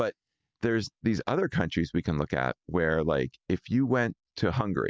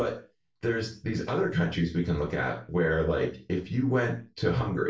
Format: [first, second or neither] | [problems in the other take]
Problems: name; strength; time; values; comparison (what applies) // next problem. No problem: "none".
first | room echo; dies away in 0.3 s